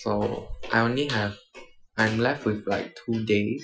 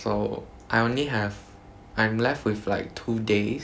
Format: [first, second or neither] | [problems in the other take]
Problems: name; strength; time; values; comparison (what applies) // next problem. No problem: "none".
second | noise reduction (classical method Wiener filter)